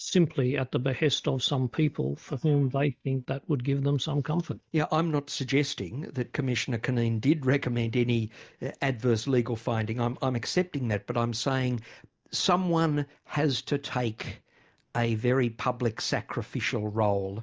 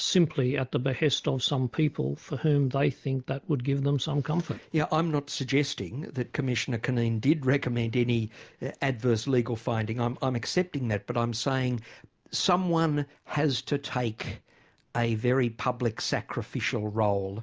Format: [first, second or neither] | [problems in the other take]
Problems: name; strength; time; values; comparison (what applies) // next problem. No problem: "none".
second | noise reduction (neural mask model DeepFilterNet 3)